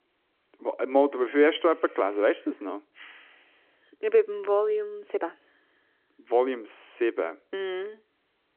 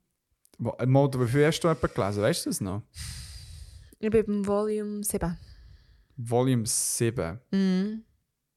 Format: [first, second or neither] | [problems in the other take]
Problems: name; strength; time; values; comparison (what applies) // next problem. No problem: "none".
second | phone-call audio